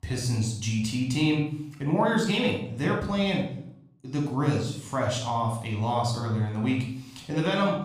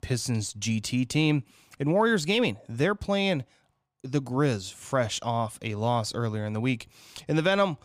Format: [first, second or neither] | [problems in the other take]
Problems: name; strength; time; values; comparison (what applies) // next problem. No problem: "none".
second | off-mic speech; somewhat distant // room echo; noticeable; dies away in 0.6 s